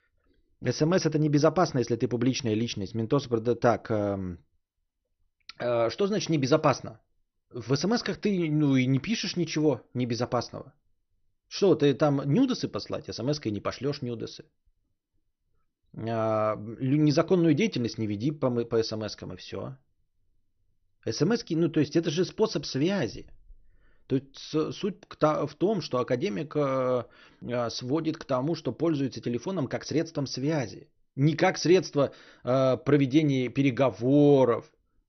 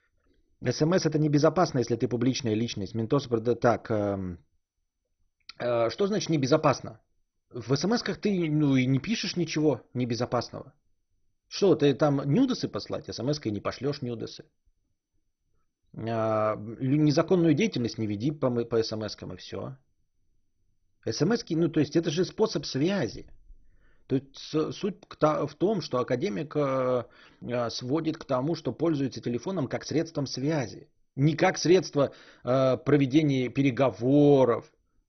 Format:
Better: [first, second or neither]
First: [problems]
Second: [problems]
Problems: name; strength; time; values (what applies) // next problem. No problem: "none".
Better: first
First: garbled, watery; slightly; nothing above 6 kHz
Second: garbled, watery; badly; nothing above 6 kHz